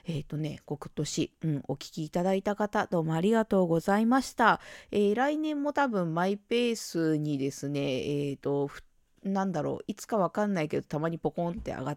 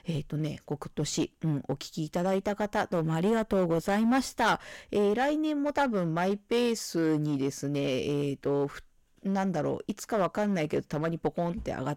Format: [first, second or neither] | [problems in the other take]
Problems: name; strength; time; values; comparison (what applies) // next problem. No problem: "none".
first | distortion; slight; 6% of the sound clipped